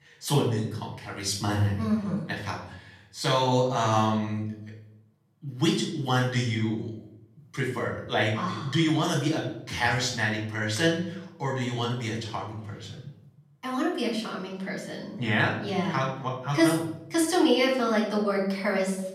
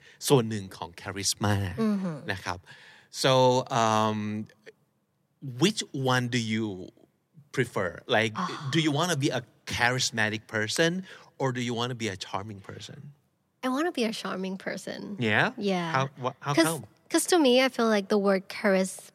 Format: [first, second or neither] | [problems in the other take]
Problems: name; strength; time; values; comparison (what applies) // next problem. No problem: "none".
second | off-mic speech; far // room echo; noticeable; dies away in 0.7 s